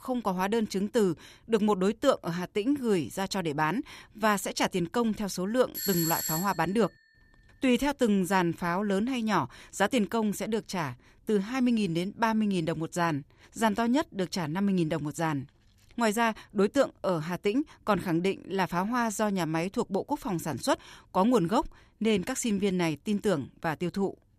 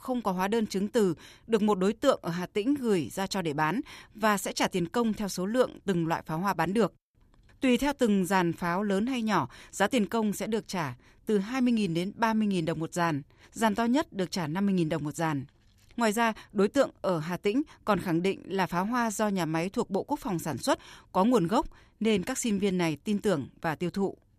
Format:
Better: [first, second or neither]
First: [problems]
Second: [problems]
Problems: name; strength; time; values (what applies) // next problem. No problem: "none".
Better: second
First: doorbell; noticeable; at 5.5 s; peak level with the speech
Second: none